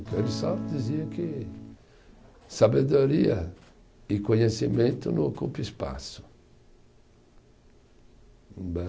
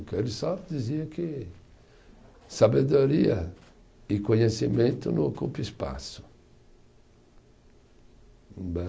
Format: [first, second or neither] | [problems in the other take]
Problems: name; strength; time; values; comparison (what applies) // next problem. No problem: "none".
second | background sound (Acoustic guitar / Strum); 7 dB below the speech